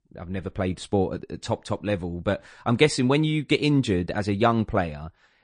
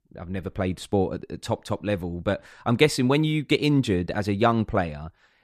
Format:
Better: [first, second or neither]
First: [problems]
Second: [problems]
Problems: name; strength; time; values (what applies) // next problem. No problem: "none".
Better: second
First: garbled, watery; slightly; nothing above 9 kHz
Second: none